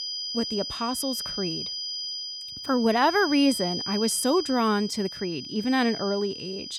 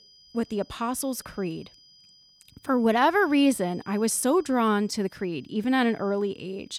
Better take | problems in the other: second | high-pitched whine; loud; throughout; 5 kHz, 6 dB below the speech; faint in the second

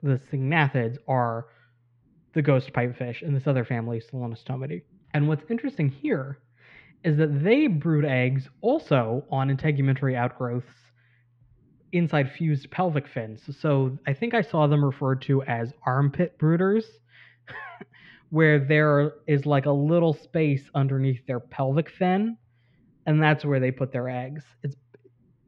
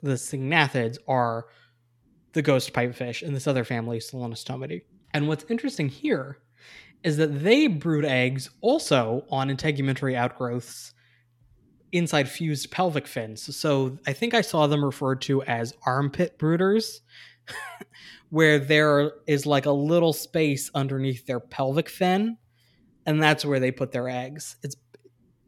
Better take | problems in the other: second | muffled; very; fading above 2.5 kHz

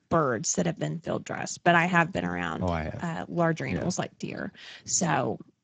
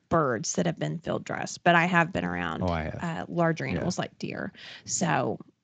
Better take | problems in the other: second | garbled, watery; badly; slightly in the second

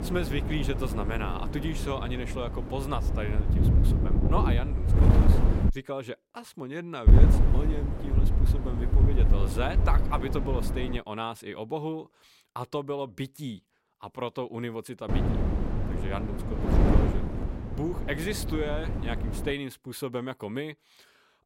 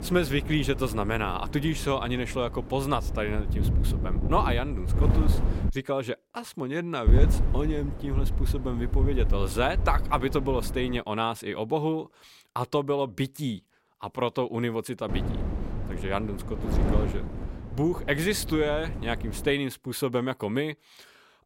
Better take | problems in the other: second | wind noise on the microphone; heavy; until 5.5 s, from 7 to 11 s and from 15 to 20 s; 2 dB below the speech; occasional gusts in the second

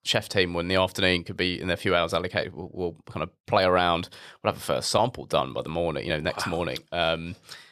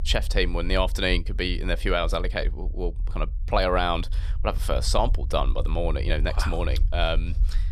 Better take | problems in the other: first | low rumble; faint; throughout; 25 dB below the speech

